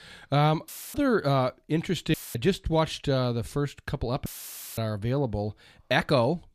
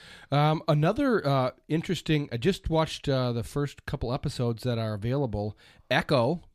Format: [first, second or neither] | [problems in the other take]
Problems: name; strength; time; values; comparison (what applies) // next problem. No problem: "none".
second | audio cutting out; filled with static; at 0.5 s, at 2 s and at 4.5 s for 0.5 s